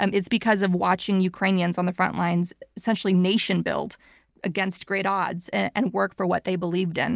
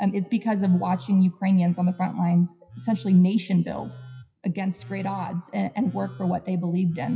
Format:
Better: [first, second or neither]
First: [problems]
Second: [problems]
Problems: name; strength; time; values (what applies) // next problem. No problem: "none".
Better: first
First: none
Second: noise reduction (classical method WPE with log-MMSE)